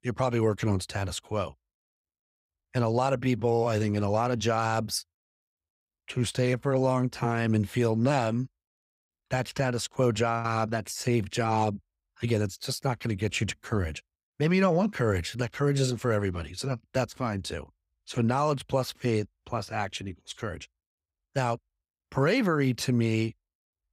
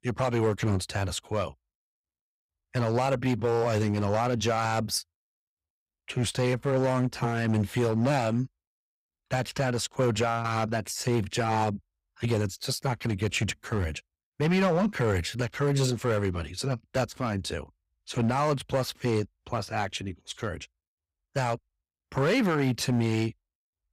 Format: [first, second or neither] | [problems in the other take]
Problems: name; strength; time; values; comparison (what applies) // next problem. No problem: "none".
first | distortion; slight; 6% of the sound clipped